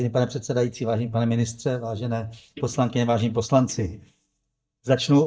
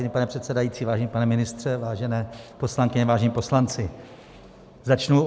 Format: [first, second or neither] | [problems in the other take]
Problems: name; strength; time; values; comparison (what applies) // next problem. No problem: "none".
second | noise reduction (neural mask model DeepFilterNet 3)